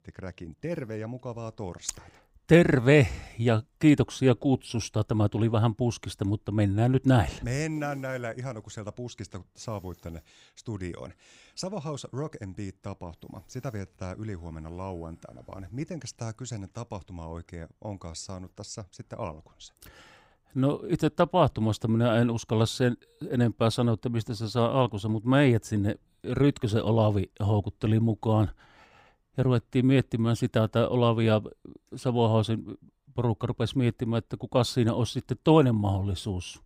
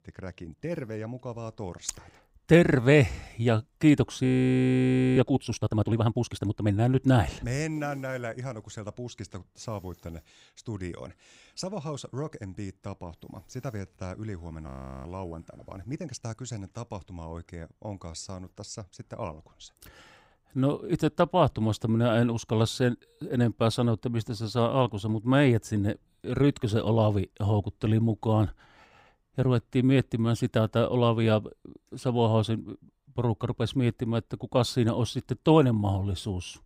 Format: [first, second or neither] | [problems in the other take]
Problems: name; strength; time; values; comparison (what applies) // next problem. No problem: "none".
first | audio freezing; at 4.5 s for 1 s and at 15 s